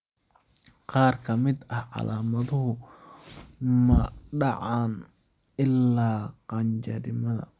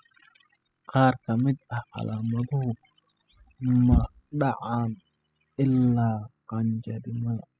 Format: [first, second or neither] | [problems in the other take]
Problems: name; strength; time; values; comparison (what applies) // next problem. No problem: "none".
first | noise reduction (classical method spectral subtraction)